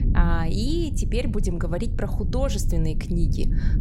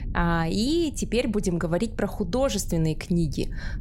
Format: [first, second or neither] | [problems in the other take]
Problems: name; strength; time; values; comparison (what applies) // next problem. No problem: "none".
second | low rumble; loud; throughout; 9 dB below the speech; faint in the second